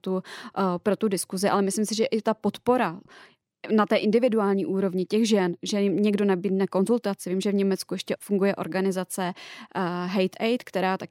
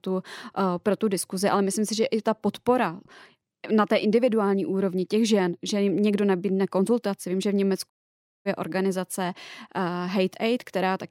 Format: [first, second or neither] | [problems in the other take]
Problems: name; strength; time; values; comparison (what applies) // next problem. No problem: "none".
first | audio cutting out; at 8 s for 0.5 s